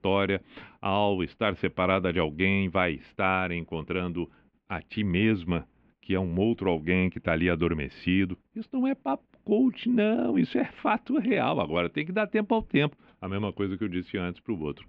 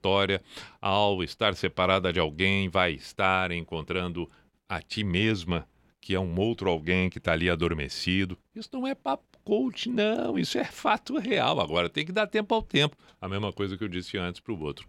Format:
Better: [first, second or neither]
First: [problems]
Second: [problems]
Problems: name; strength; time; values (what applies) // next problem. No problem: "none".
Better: second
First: muffled; very; fading above 2.5 kHz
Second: none